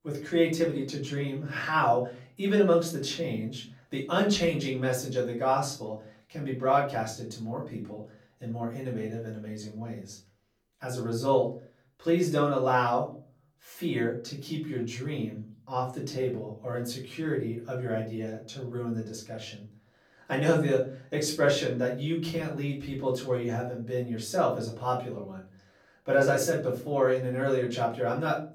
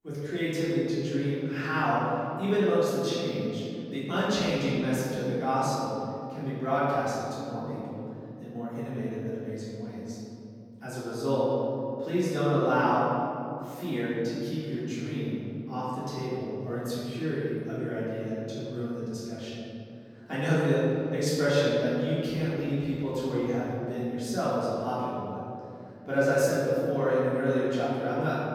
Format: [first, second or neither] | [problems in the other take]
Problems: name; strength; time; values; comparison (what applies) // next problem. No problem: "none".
first | room echo; strong; dies away in 2.9 s; slight in the first // off-mic speech; far; far in the first